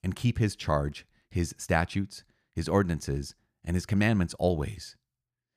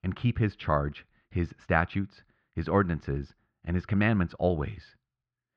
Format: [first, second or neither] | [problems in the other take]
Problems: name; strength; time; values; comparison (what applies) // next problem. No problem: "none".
first | muffled; very; fading above 3 kHz